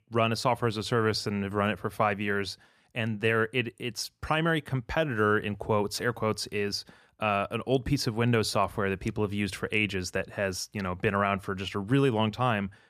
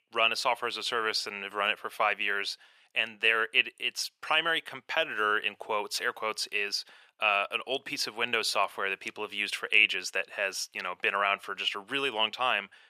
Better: first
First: none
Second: thin; very; fading below 600 Hz

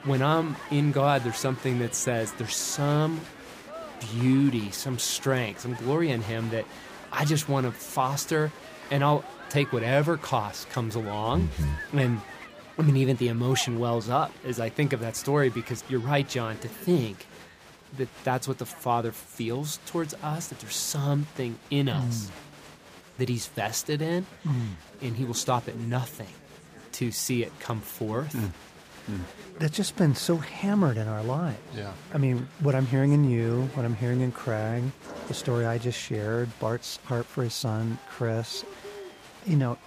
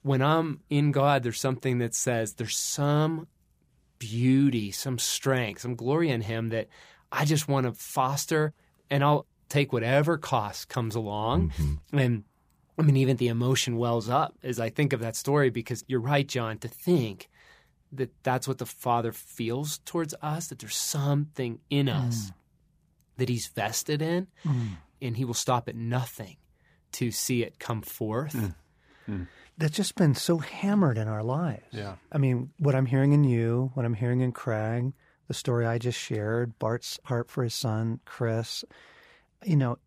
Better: second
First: crowd noise; noticeable; throughout; 15 dB below the speech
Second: none

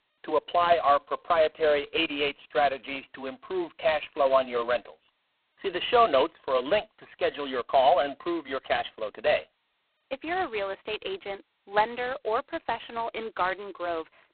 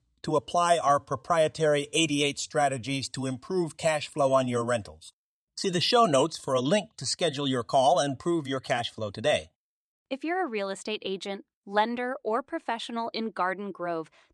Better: second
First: phone-call audio; poor line; nothing above 4 kHz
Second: none

